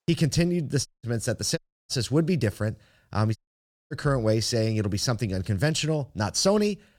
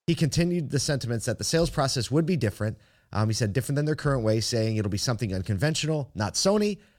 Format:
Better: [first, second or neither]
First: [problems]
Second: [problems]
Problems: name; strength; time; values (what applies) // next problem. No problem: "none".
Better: second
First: audio cutting out; at 1 s, at 1.5 s and at 3.5 s for 0.5 s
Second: none